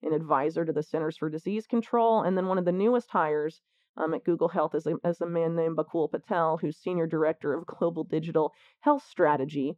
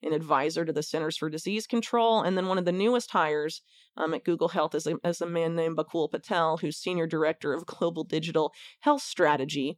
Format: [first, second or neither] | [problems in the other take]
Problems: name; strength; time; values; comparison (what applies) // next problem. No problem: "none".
second | muffled; very; fading above 2.5 kHz